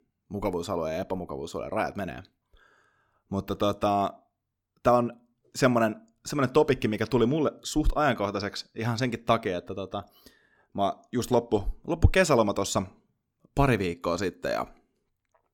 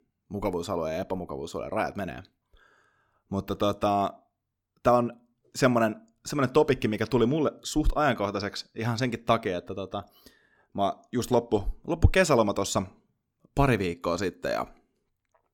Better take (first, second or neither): neither